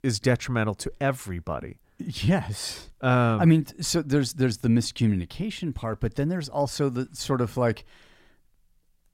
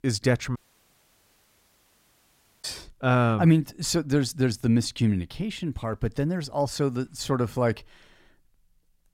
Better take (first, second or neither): first